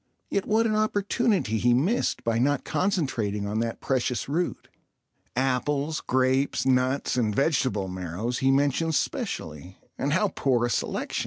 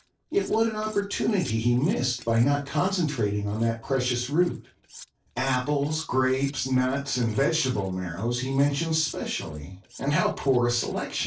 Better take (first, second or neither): first